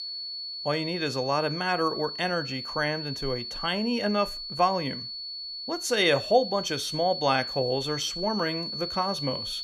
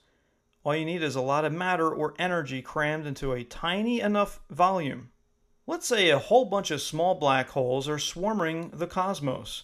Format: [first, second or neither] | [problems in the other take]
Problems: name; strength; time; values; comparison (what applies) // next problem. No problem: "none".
second | high-pitched whine; loud; throughout; 4.5 kHz, 5 dB below the speech